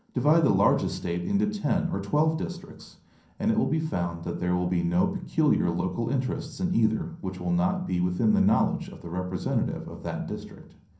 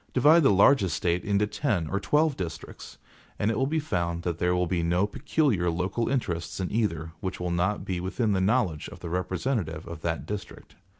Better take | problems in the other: second | room echo; dies away in 0.6 s

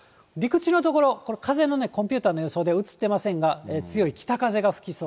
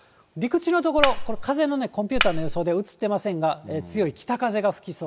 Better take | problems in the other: first | background sound (Cutlery, silverware); 2 dB above the speech

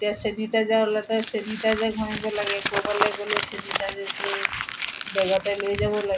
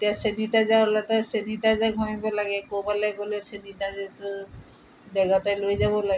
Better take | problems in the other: second | background sound (Crumpling, crinkling); 5 dB below the speech

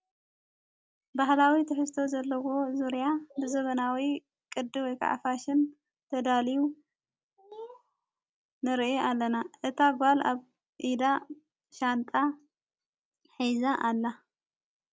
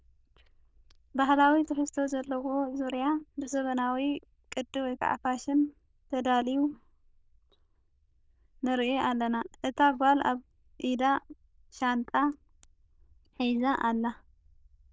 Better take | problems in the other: first | noise reduction (neural diffusion model UNIVERSE++)

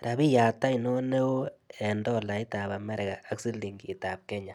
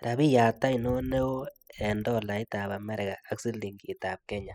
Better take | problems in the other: first | noise reduction (classical method spectral subtraction)

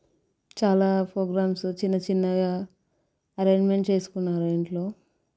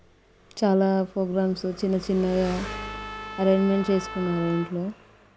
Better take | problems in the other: first | background sound (Trumpet + Engine); 13 dB below the speech

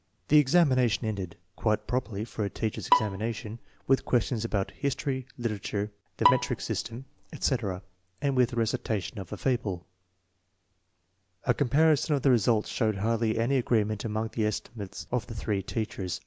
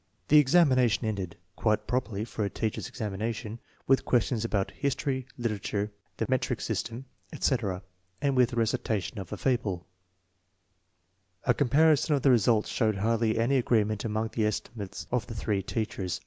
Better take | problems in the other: second | background sound (Bowed string instrument); 4 dB below the speech

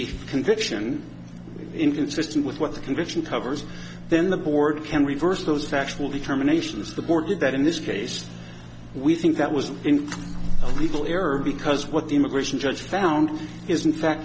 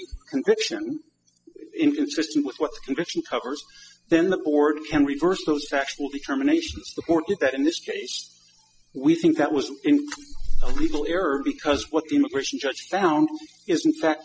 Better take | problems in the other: first | noise reduction (classical method spectral subtraction)

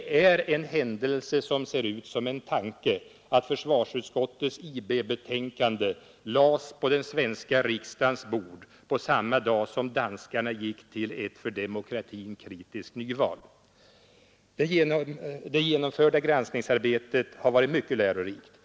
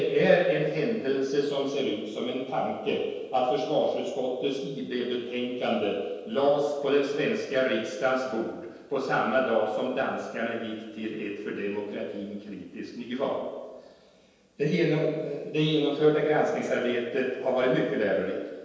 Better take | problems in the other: first | room echo; dies away in 1.2 s

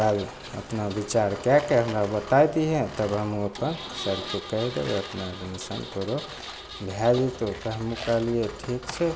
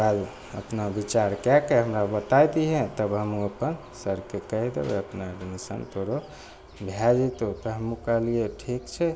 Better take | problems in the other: second | background sound (Engine + Coin (dropping)); 13 dB below the speech

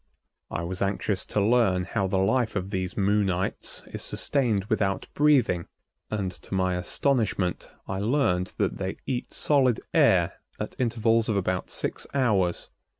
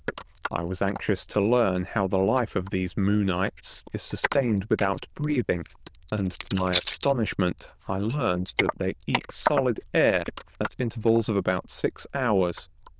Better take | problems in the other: first | noise reduction (neural diffusion model UNIVERSE++)

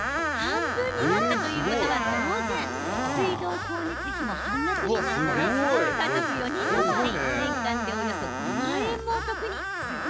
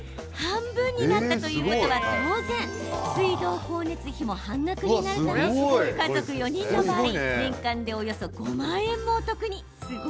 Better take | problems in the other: second | background sound (Screech); 1 dB below the speech

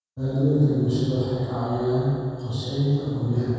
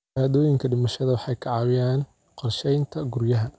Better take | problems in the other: second | room echo; dies away in 2.1 s

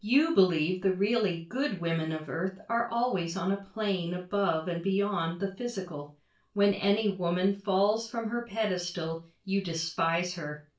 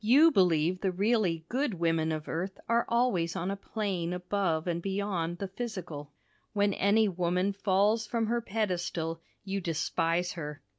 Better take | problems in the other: second | room echo; dies away in 0.3 s

